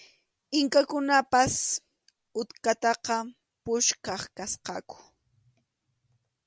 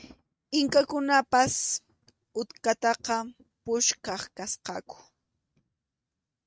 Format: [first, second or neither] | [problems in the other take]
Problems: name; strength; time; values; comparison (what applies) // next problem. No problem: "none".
first | noise reduction (neural mask model RNNoise)